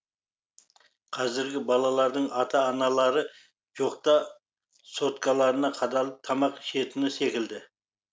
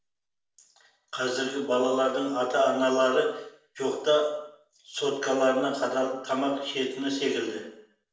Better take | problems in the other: first | room echo; dies away in 0.7 s

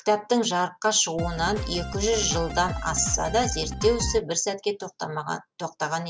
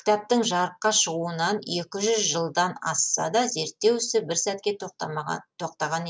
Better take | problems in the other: second | background sound (Drum kit); 6 dB below the speech

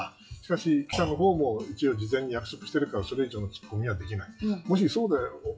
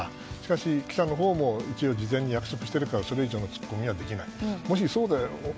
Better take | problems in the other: second | noise reduction (classical method WPE with log-MMSE)

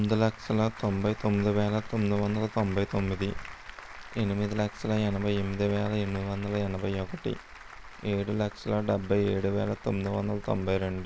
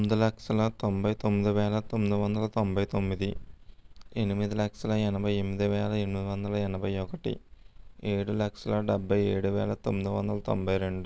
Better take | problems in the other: second | background sound (Applause); 18 dB below the speech

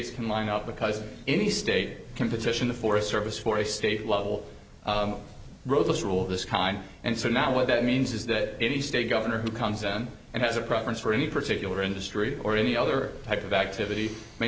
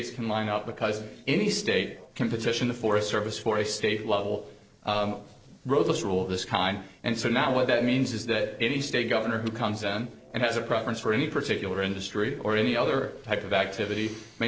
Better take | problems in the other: first | noise reduction (neural separator model SepFormer DNS4)

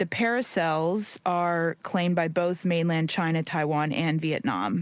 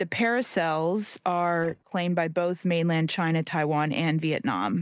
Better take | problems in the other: first | noise reduction (neural mask model DeepFilterNet 3)

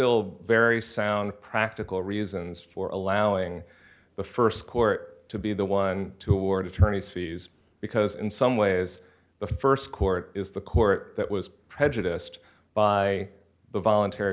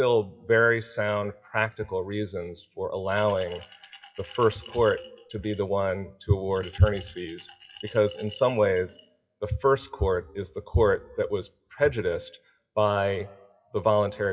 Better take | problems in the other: first | noise reduction (classical method WPE with log-MMSE)

